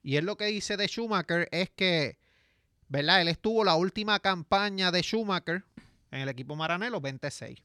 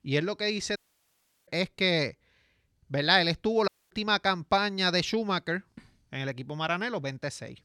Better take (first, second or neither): first